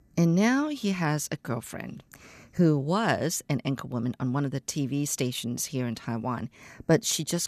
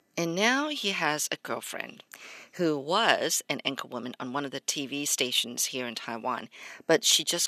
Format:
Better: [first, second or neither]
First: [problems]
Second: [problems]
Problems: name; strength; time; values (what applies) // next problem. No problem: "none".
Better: first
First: none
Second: thin; somewhat; fading below 400 Hz